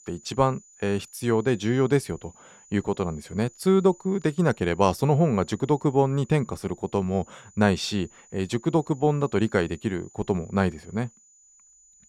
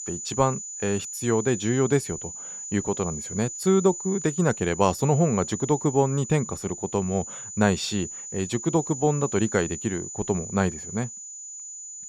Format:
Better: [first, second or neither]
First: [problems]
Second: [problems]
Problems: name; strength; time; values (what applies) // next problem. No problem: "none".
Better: first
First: high-pitched whine; faint; throughout; 7 kHz, 25 dB below the speech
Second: high-pitched whine; loud; throughout; 7 kHz, 8 dB below the speech